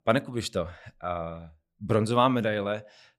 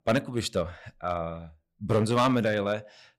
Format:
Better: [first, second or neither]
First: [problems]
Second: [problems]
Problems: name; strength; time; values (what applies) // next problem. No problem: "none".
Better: first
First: none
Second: distortion; slight; 3% of the sound clipped